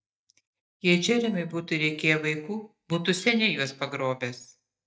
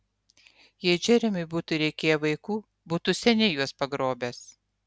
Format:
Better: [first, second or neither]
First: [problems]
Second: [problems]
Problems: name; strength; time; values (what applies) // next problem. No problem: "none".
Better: second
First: noise reduction (neural mask model DeepFilterNet 3)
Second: none